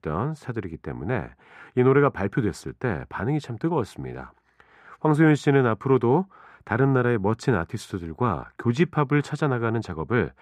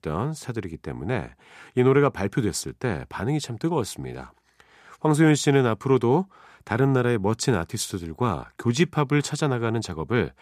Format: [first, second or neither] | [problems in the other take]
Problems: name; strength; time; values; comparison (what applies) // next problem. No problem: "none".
second | muffled; slightly; fading above 3.5 kHz